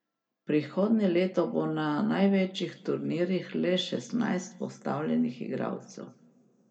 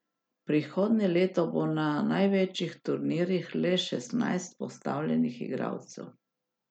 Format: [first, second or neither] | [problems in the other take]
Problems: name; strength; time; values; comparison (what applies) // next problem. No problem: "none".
second | room echo; dies away in 1.4 s